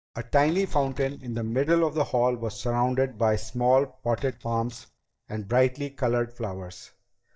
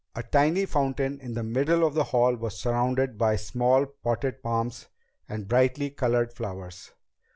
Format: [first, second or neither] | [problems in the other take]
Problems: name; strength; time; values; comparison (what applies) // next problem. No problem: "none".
second | noise reduction (neural mask model DeepFilterNet 3)